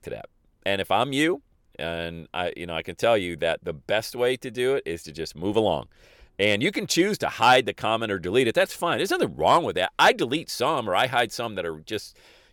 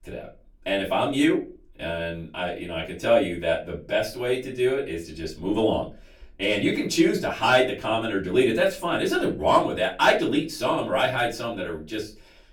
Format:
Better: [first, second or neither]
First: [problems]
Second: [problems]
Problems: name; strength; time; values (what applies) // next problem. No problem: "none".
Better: first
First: none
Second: off-mic speech; far // room echo; very slight; dies away in 0.3 s